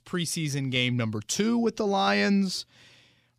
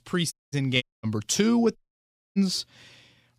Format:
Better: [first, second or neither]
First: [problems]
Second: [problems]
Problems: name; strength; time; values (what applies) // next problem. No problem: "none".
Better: first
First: none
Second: audio cutting out; at 0.5 s, at 1 s and at 2 s for 0.5 s